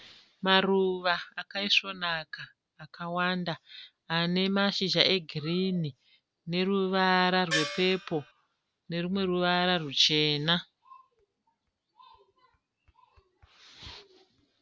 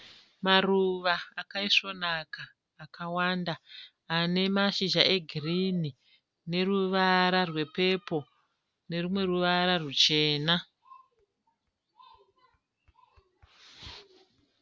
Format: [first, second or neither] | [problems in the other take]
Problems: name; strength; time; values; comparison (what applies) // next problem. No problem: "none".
second | background sound (Gong); 4 dB below the speech